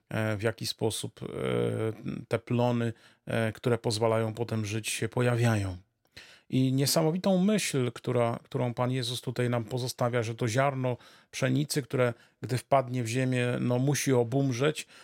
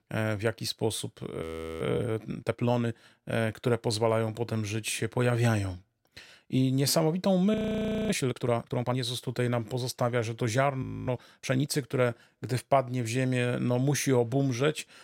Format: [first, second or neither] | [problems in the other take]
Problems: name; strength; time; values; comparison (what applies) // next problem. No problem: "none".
first | audio freezing; at 1.5 s, at 7.5 s for 0.5 s and at 11 s